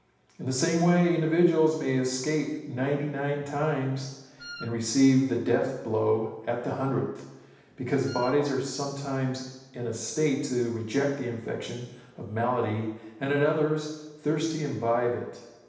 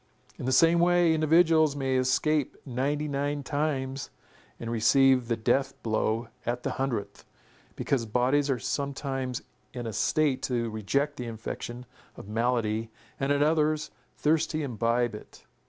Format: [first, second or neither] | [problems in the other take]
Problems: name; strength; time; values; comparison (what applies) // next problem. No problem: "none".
second | background sound (Wind instrument, woodwind instrument); 16 dB below the speech // room echo; dies away in 0.9 s